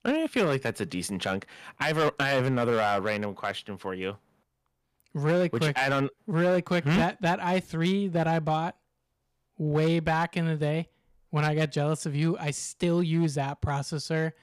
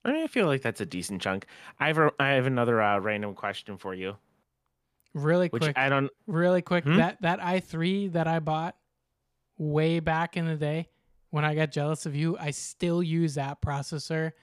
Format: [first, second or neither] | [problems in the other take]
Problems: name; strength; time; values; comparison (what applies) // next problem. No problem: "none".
second | distortion; slight; 5% of the sound clipped